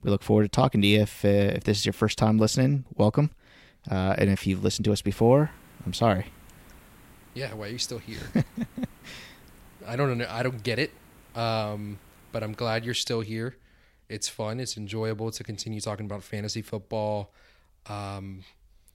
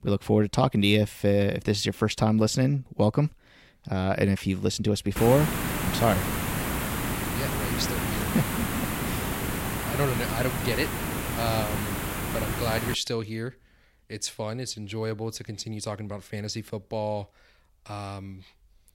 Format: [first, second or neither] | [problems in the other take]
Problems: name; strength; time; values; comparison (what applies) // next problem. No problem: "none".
first | hiss; loud; from 5 to 13 s; 2 dB below the speech; faint in the first